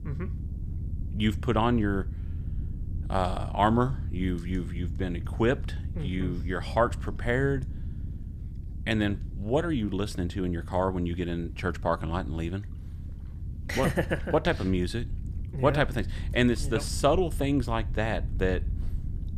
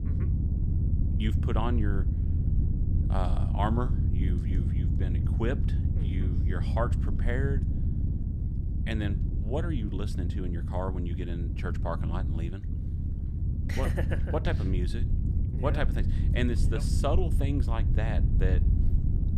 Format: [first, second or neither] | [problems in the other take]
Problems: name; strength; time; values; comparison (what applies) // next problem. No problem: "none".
first | low rumble; loud; throughout; 6 dB below the speech; faint in the first